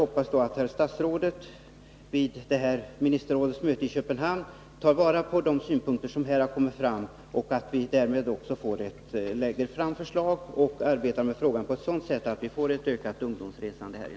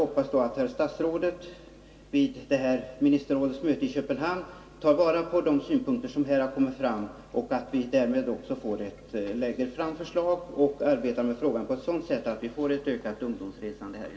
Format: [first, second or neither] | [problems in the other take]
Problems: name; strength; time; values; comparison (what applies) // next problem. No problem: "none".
first | room echo; dies away in 2.6 s